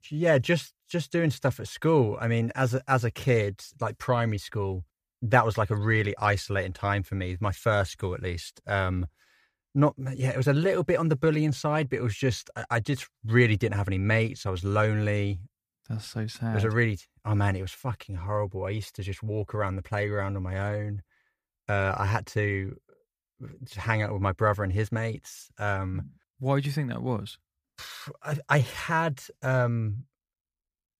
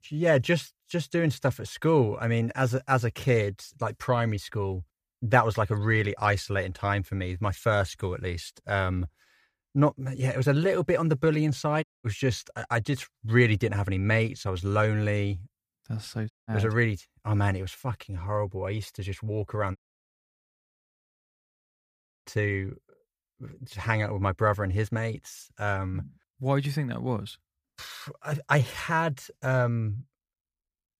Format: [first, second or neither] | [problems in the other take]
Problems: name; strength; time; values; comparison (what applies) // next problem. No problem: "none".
first | audio cutting out; at 12 s, at 16 s and at 20 s for 2.5 s